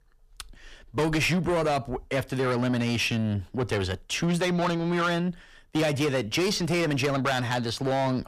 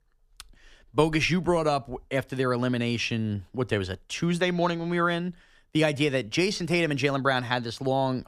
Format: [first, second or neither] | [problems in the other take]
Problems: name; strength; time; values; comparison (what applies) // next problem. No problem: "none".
second | distortion; heavy; 7 dB below the speech